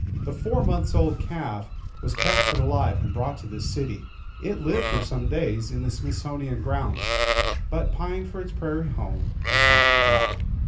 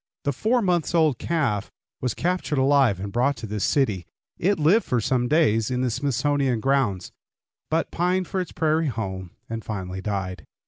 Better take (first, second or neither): second